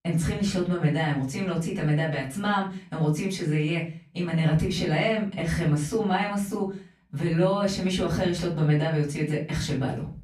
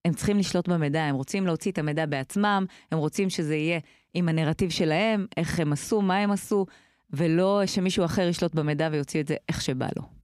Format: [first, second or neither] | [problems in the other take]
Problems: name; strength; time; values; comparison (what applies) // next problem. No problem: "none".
second | room echo; slight; dies away in 0.3 s // off-mic speech; far